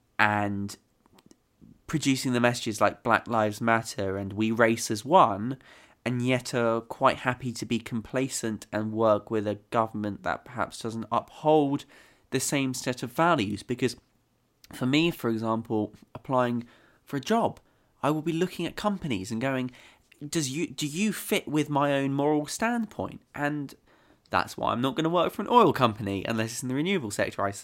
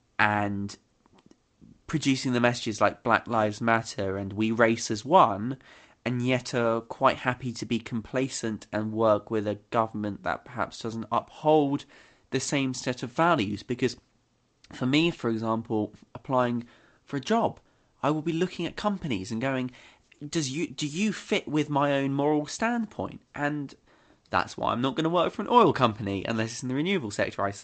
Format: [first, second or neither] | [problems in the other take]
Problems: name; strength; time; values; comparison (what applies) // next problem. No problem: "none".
first | garbled, watery; slightly; nothing above 8 kHz